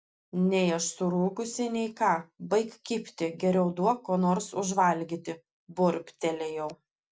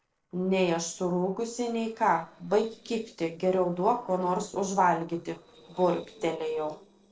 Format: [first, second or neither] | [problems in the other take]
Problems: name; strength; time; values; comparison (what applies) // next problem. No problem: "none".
first | noise reduction (neural separator model SepFormer DNS4)